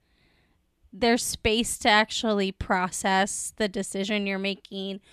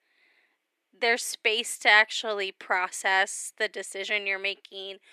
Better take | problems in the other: first | thin; very; fading below 350 Hz

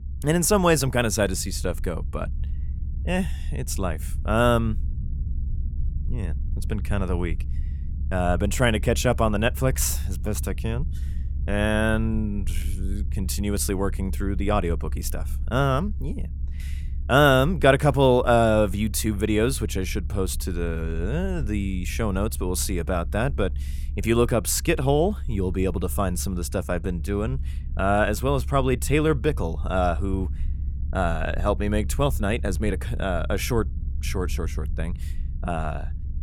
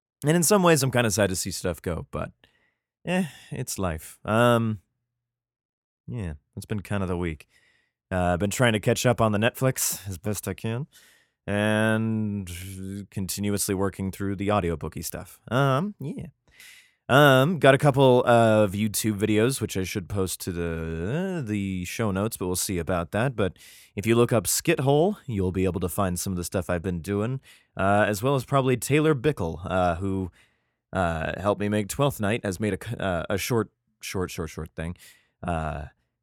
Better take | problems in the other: second | low rumble; faint; throughout; 25 dB below the speech

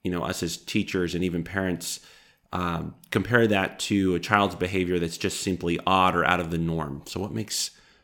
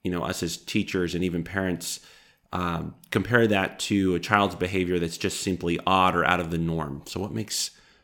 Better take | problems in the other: neither | none

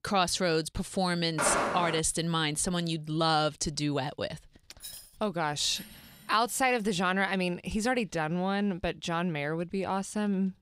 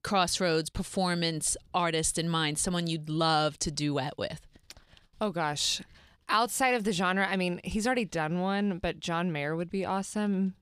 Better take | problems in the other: second | footsteps; loud; at 1.5 s; peak 1 dB above the speech // jangling keys; faint; at 5 s; peak 15 dB below the speech // clattering dishes; faint; at 6 s; peak 20 dB below the speech

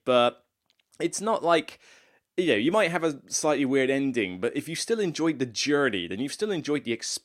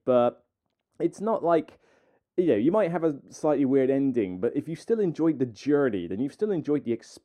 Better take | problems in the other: first | muffled; very; fading above 1 kHz

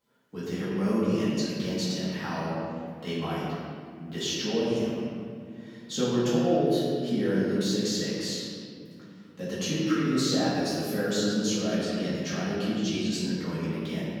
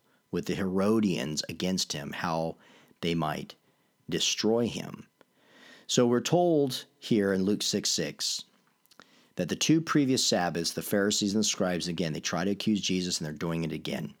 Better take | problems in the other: second | off-mic speech; far // room echo; strong; dies away in 2.2 s

